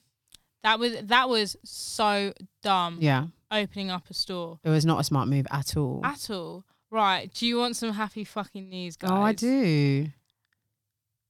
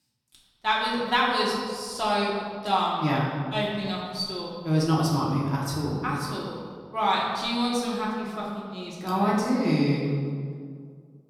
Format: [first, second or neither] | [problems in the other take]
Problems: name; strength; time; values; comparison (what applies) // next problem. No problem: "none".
first | off-mic speech; far // room echo; noticeable; dies away in 1.7 s